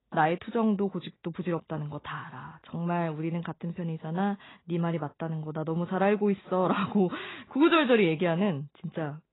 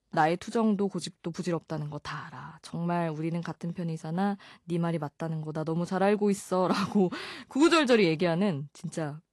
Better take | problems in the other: second | garbled, watery; badly; nothing above 4 kHz; slightly in the second

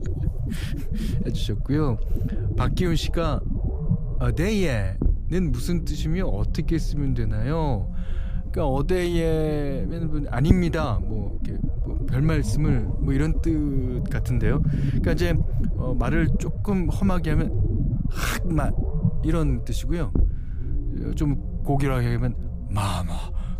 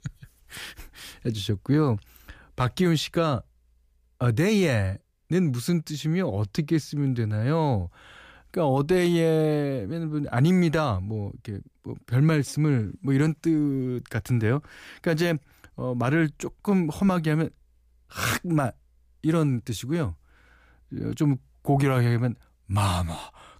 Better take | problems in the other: second | low rumble; loud; throughout; 9 dB below the speech

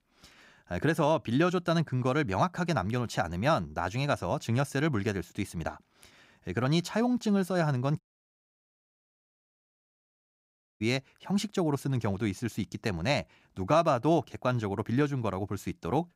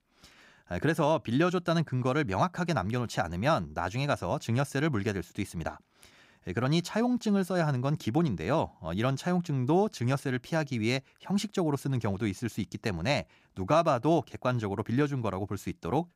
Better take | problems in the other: second | audio cutting out; at 8 s for 3 s

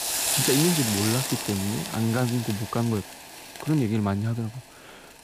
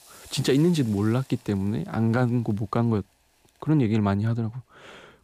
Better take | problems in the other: second | hiss; loud; throughout; as loud as the speech; faint in the second

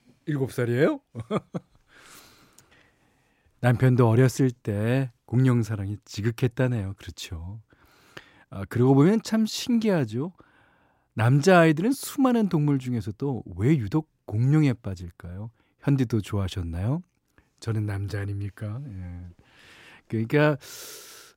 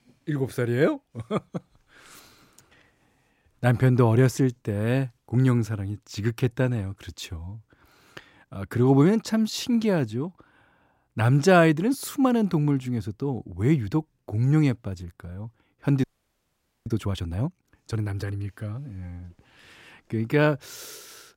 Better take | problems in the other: first | audio freezing; at 16 s for 1 s

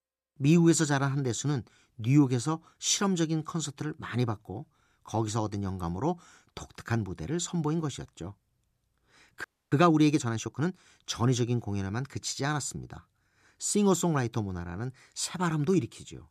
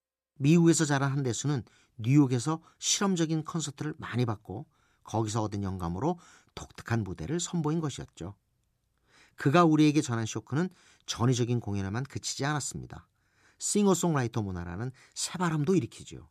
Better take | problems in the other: second | audio freezing; at 9.5 s

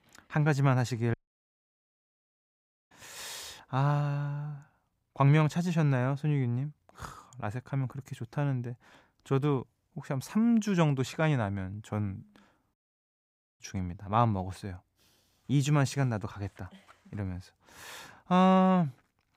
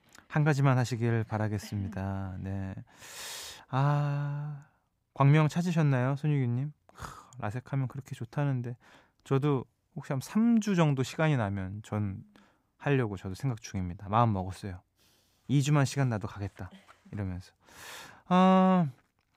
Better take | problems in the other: second | audio cutting out; at 1 s for 2 s and at 13 s for 1 s

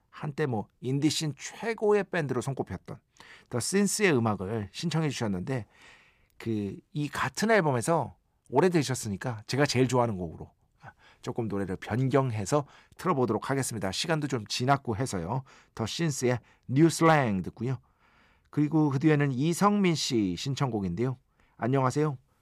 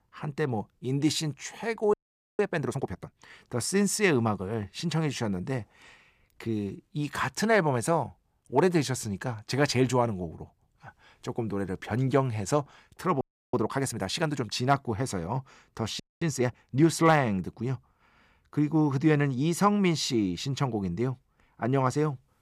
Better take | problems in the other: first | audio freezing; at 2 s, at 13 s and at 16 s

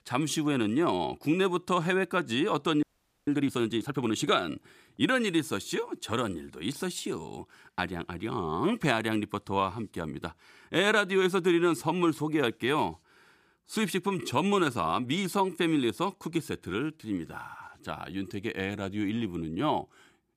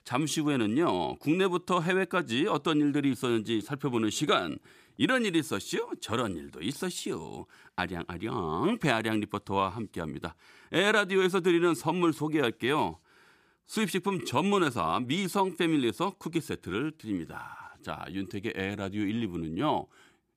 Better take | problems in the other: second | audio freezing; at 3 s

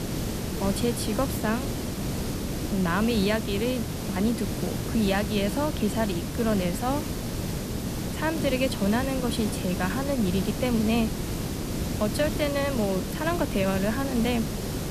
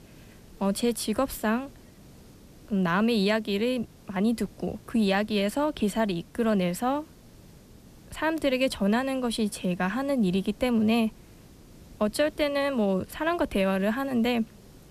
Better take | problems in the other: second | hiss; loud; throughout; 3 dB below the speech; faint in the second

